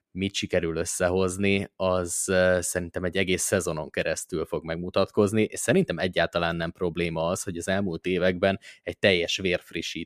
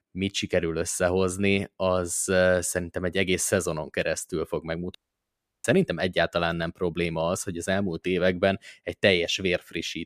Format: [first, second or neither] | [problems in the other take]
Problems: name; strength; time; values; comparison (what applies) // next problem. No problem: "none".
first | audio cutting out; at 5 s for 0.5 s